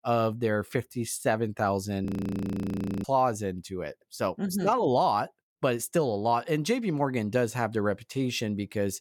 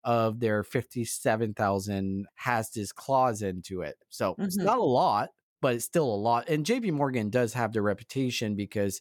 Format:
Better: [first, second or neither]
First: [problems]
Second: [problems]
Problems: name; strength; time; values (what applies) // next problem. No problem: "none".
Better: second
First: audio freezing; at 2 s for 1 s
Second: none